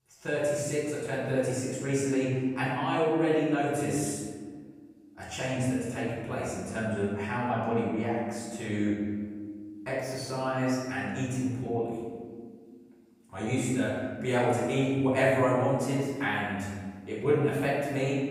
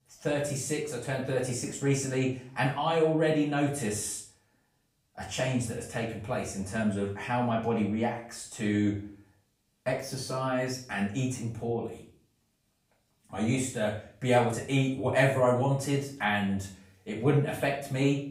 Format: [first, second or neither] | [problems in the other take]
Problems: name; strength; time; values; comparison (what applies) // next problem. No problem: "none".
second | room echo; strong; dies away in 1.7 s; slight in the second // off-mic speech; far; far in the second